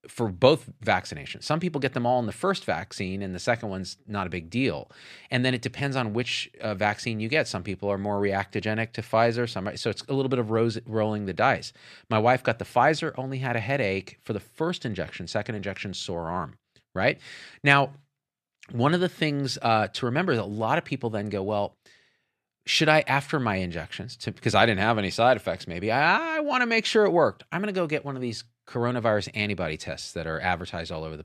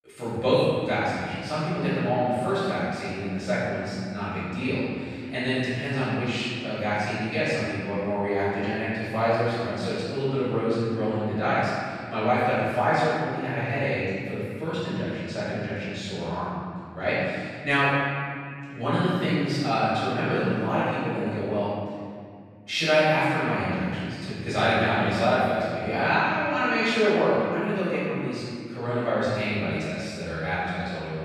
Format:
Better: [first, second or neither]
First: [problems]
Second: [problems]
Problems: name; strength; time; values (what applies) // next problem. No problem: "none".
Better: first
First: none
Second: room echo; strong; dies away in 2.2 s // off-mic speech; far